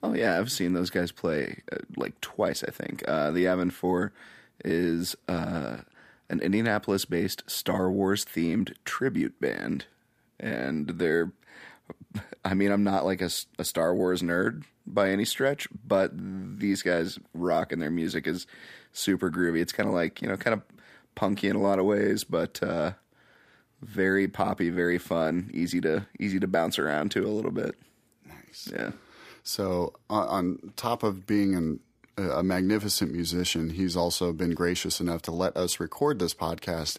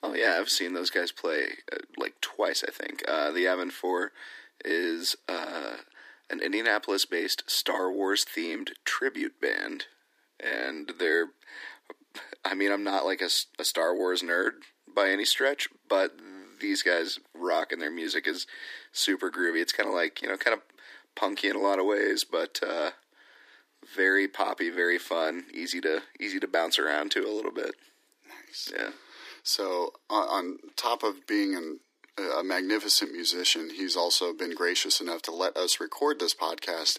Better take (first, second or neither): first